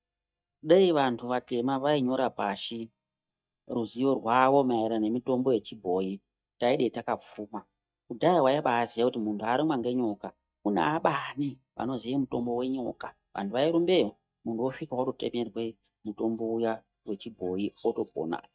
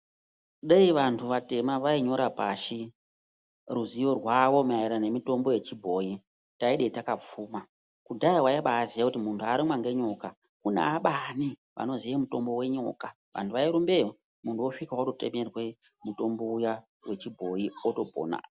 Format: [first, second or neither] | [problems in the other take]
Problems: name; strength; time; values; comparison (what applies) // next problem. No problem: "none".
second | noise reduction (neural mask model DeepFilterNet 3)